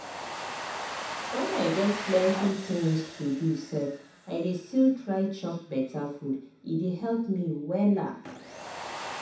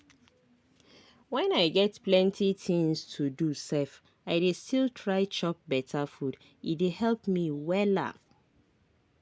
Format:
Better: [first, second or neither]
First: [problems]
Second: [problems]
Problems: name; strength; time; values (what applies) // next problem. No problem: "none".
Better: second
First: background sound (Domestic sounds, home sounds); 11 dB below the speech // room echo; dies away in 0.7 s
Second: none